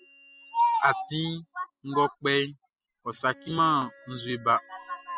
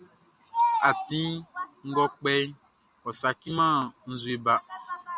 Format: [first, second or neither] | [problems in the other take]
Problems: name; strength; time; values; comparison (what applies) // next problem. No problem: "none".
second | noise reduction (classical method spectral subtraction)